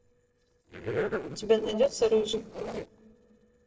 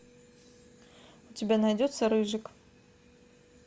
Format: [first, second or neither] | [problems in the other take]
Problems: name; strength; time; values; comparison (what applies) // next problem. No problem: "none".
second | noise reduction (neural separator model SepFormer DNS4)